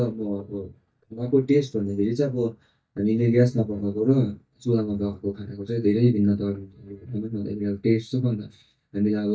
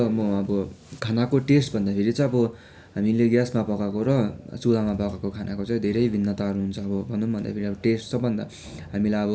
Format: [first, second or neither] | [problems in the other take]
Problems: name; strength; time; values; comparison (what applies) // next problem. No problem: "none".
second | noise reduction (neural mask model DeepFilterNet 3)